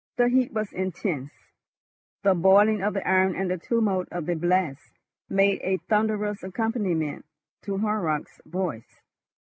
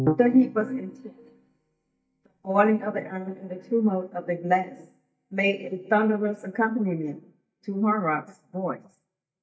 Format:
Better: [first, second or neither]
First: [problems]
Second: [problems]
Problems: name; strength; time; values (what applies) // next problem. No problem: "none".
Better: first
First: none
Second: noise reduction (neural mask model DeepFilterNet 3)